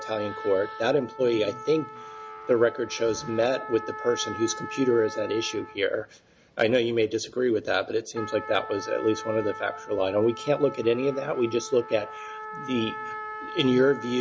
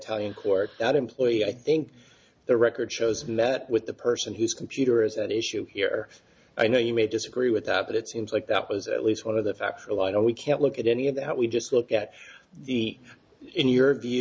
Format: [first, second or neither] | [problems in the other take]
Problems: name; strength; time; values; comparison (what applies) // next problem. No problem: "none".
second | background sound (Trumpet); 13 dB below the speech